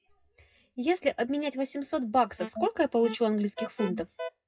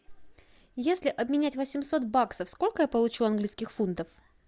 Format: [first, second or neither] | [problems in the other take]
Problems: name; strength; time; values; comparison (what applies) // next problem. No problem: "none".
second | noise reduction (classical method WPE with log-MMSE)